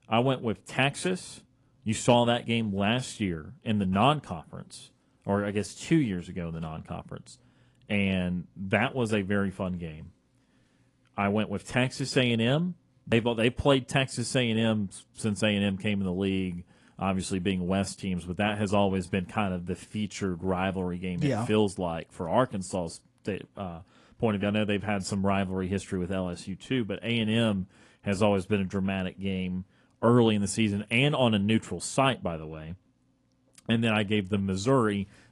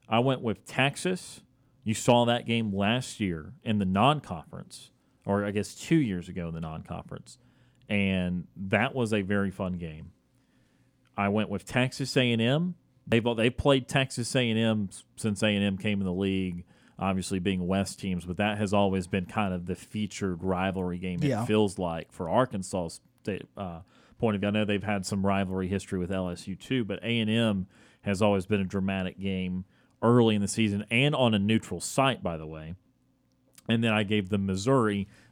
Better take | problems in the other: second | garbled, watery; slightly

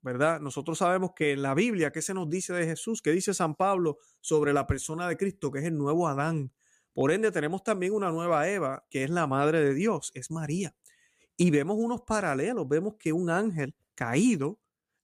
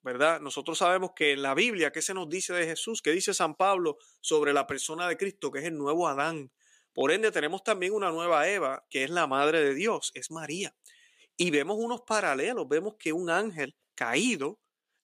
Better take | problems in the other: first | thin; somewhat; fading below 350 Hz

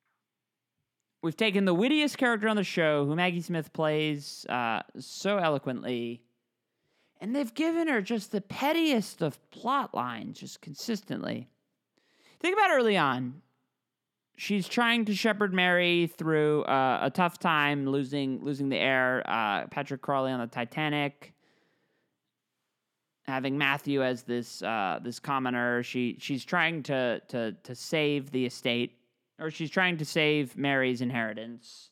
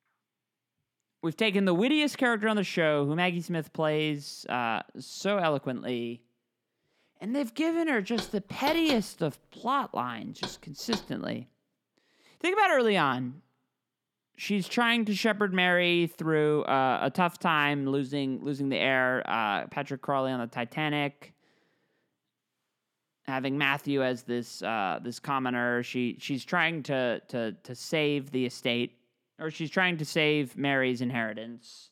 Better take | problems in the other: first | door banging; noticeable; from 8 to 11 s; peak 7 dB below the speech

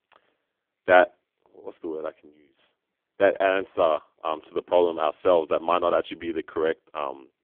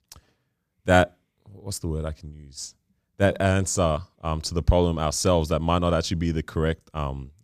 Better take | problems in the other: second | phone-call audio; poor line; nothing above 3.5 kHz

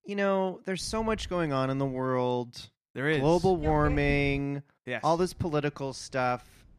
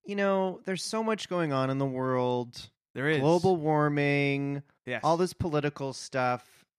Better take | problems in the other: second | wind noise on the microphone; occasional gusts; from 1 to 2 s, from 3 to 4.5 s and from 5 s on; 15 dB below the speech

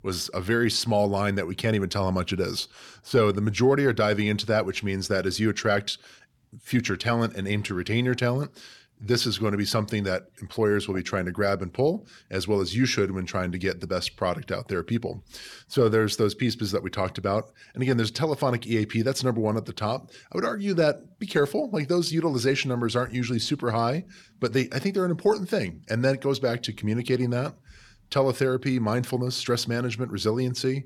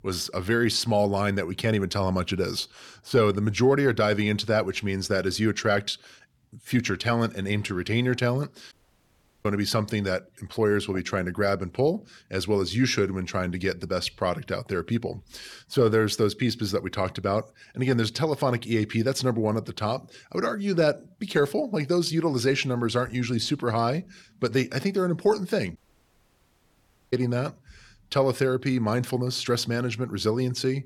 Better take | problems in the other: first | audio cutting out; at 8.5 s for 0.5 s and at 26 s for 1.5 s

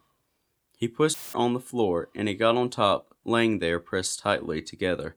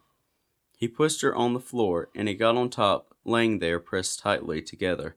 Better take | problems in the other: second | audio cutting out; filled with static; at 1 s

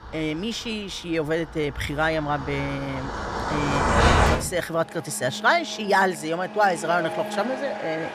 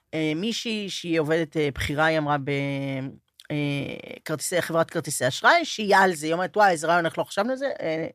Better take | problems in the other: second | traffic noise; loud; throughout; as loud as the speech

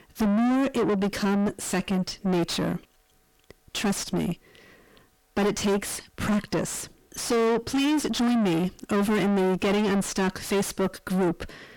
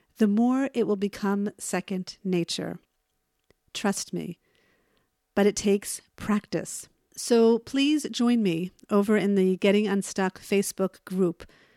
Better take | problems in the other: second | distortion; heavy; 4 dB below the speech

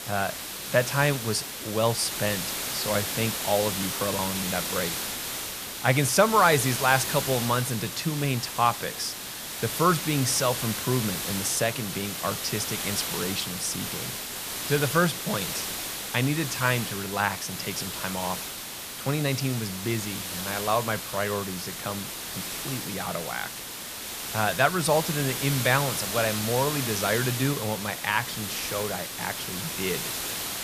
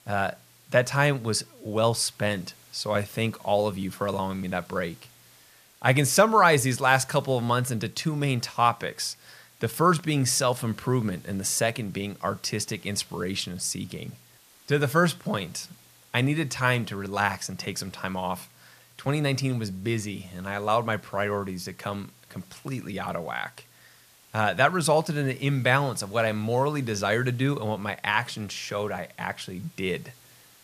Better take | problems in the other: second | hiss; loud; throughout; 3 dB below the speech; faint in the second

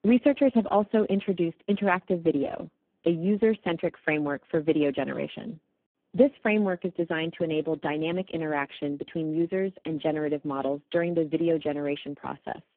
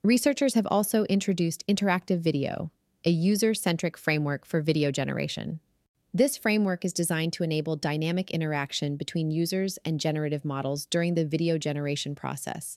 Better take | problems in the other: second | phone-call audio; poor line

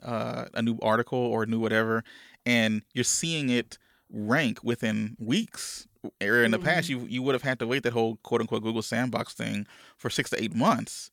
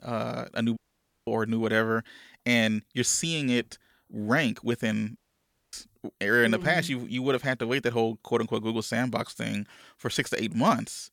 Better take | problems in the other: first | audio cutting out; at 1 s for 0.5 s and at 5 s for 0.5 s

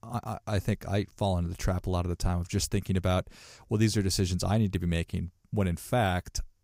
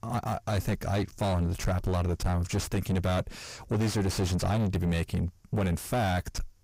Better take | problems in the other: first | distortion; heavy; 6 dB below the speech

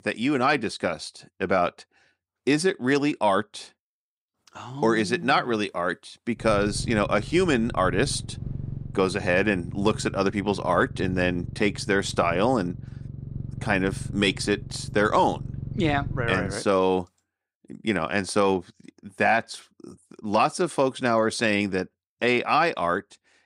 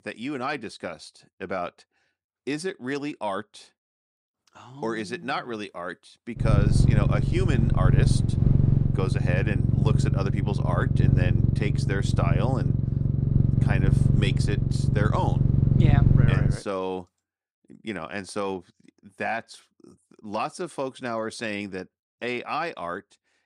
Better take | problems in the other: first | low rumble; loud; from 6.5 to 17 s; 2 dB below the speech; faint in the first

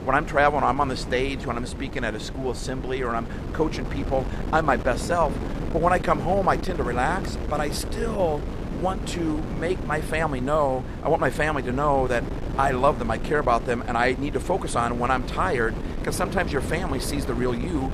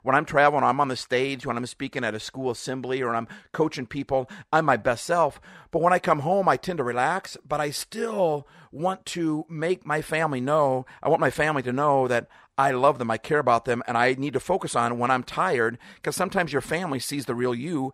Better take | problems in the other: second | wind noise on the microphone; occasional gusts; 10 dB below the speech

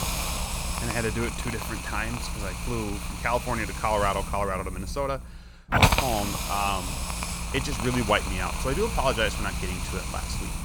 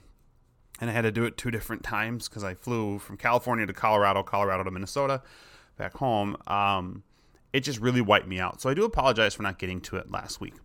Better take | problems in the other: second | hiss; loud; throughout; as loud as the speech

